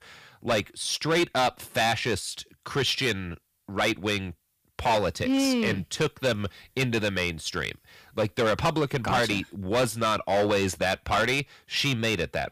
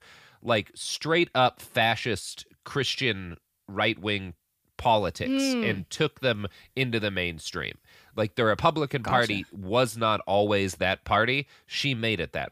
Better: second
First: distortion; heavy; 8% of the sound clipped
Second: none

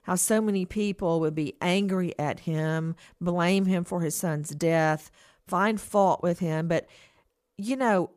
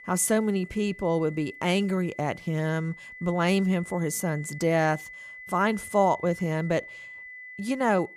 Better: first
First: none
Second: high-pitched whine; noticeable; throughout; 2 kHz, 15 dB below the speech

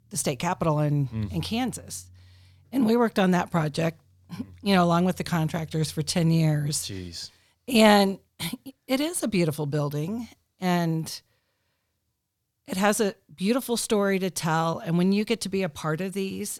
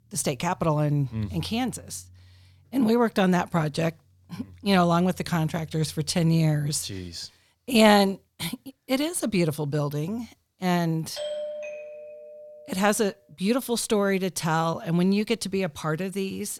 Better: first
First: none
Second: doorbell; noticeable; from 11 to 13 s; peak 7 dB below the speech

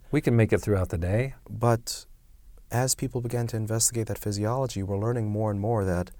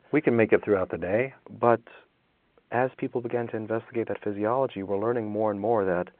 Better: first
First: none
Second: phone-call audio

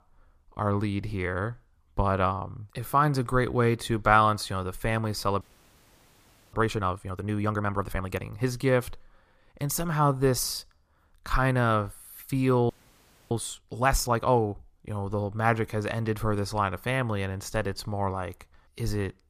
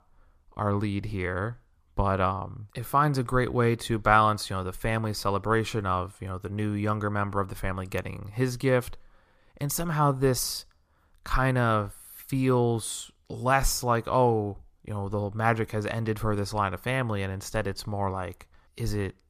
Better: second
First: audio freezing; at 5.5 s for 1 s and at 13 s for 0.5 s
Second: none

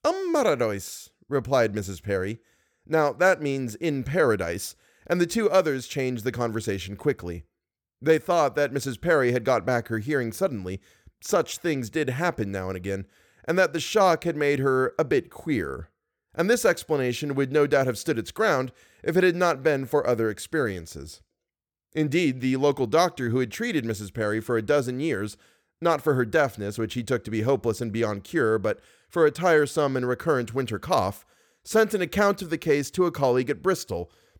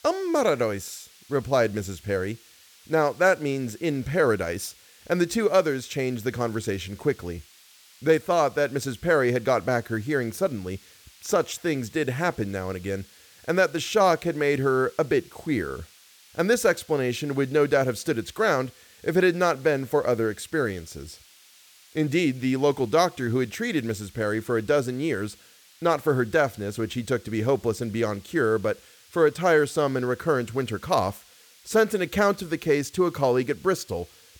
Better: first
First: none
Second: hiss; faint; throughout; 25 dB below the speech

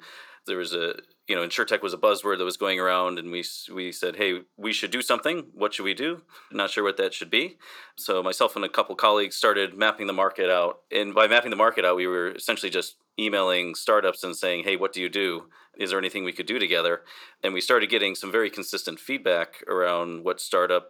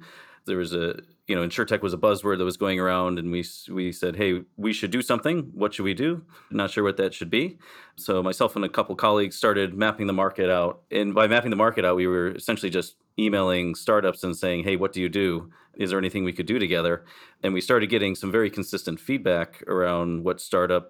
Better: second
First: thin; somewhat; fading below 450 Hz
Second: none

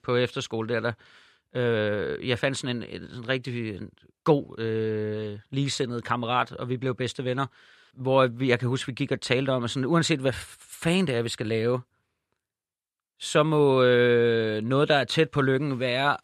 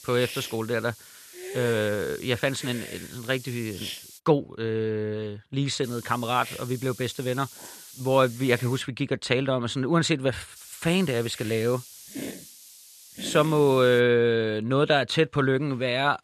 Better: first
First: none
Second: hiss; noticeable; until 4 s, from 6 to 9 s and from 11 to 14 s; 15 dB below the speech

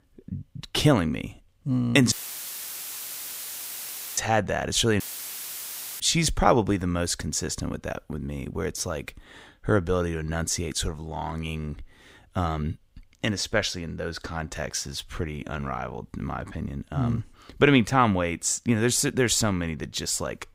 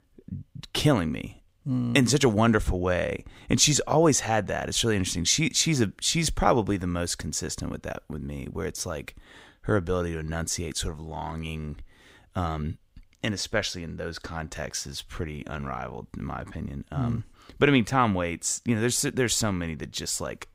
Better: second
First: audio cutting out; filled with static; at 2 s for 2 s and at 5 s for 1 s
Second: none

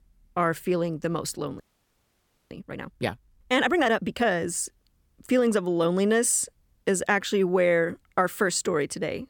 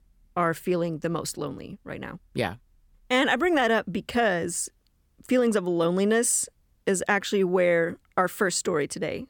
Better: second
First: audio freezing; at 1.5 s for 1 s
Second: none

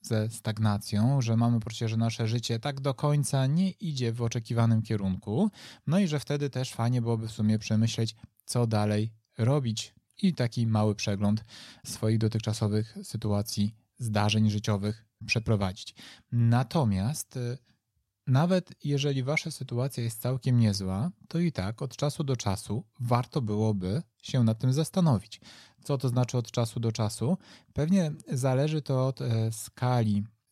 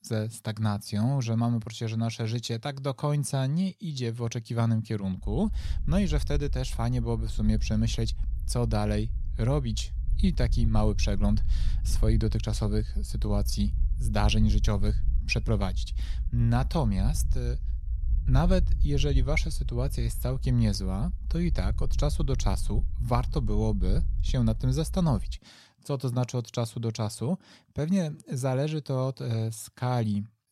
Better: first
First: none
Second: low rumble; noticeable; from 5 to 25 s; 20 dB below the speech

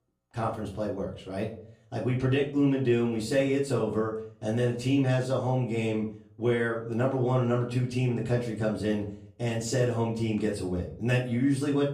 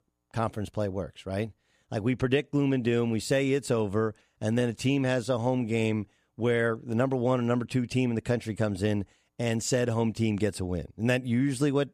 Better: second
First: room echo; slight; dies away in 0.4 s // off-mic speech; far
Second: none

